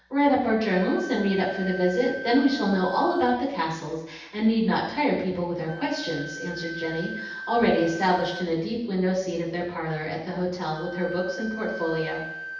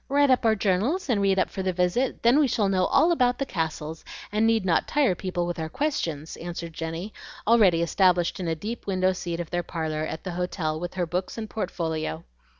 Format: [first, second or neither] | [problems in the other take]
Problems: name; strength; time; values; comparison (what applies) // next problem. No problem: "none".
second | background sound (Wind instrument, woodwind instrument); 14 dB below the speech // room echo; dies away in 0.9 s